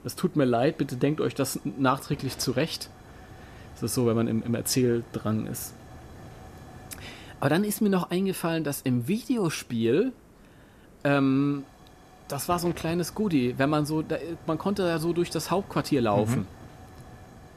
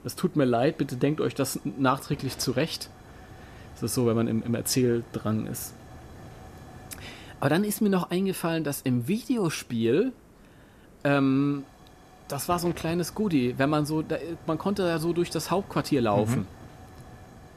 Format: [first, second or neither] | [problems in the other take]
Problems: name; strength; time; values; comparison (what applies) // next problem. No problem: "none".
neither | hiss; faint; throughout; 20 dB below the speech; the same in both